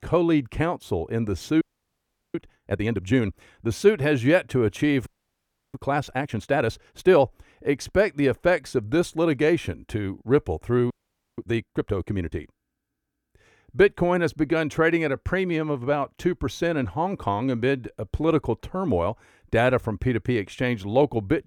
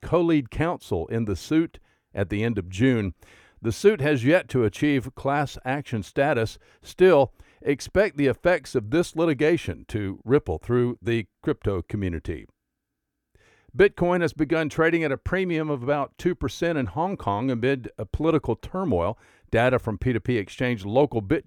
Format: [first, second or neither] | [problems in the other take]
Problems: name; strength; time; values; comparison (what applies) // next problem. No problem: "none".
second | audio freezing; at 1.5 s for 0.5 s, at 5 s for 0.5 s and at 11 s